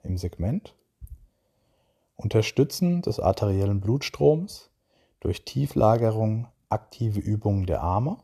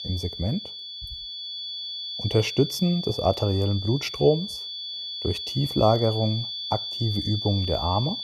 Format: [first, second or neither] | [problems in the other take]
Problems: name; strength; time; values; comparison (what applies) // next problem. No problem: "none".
first | high-pitched whine; loud; throughout; 3.5 kHz, 6 dB below the speech